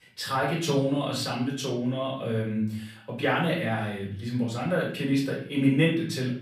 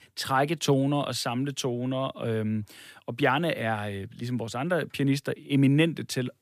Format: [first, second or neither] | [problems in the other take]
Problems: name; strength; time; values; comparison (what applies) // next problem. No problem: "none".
second | off-mic speech; far // room echo; slight; dies away in 0.5 s